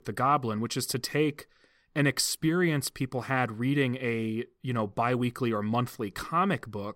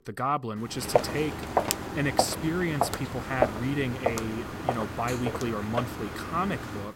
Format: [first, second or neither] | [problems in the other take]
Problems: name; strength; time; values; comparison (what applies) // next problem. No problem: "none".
first | footsteps; loud; from 1 to 6 s; peak 4 dB above the speech